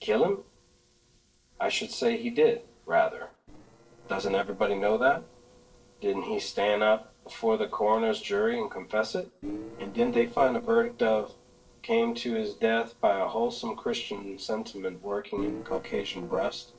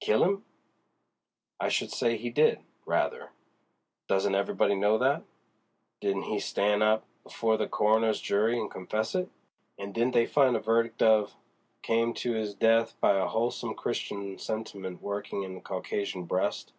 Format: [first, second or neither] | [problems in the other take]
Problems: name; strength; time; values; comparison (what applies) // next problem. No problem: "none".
second | noise reduction (neural separator model SepFormer DNS4)